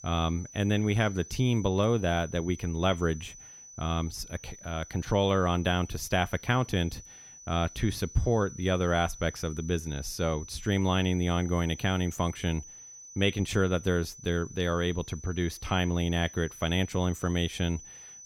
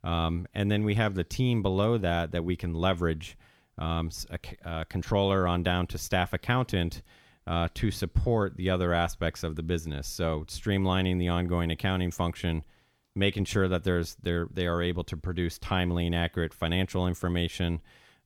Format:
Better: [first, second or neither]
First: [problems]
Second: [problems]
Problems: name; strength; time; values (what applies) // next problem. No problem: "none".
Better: second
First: high-pitched whine; noticeable; throughout; 6 kHz, 15 dB below the speech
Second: none